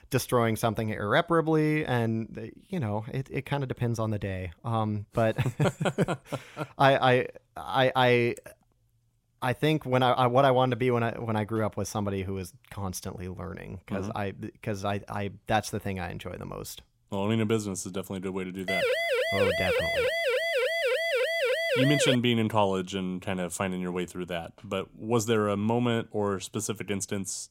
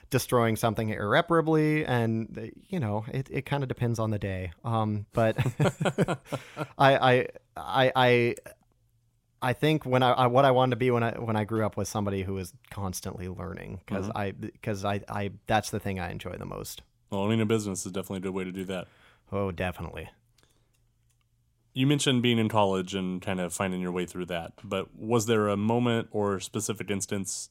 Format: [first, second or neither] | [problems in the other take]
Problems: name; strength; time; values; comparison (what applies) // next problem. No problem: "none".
second | siren; loud; from 19 to 22 s; peak 3 dB above the speech